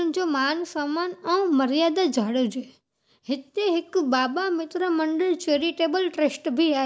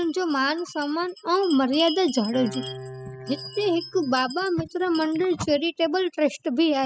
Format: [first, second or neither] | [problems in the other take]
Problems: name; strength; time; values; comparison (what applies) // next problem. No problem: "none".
first | noise reduction (classical method spectral subtraction)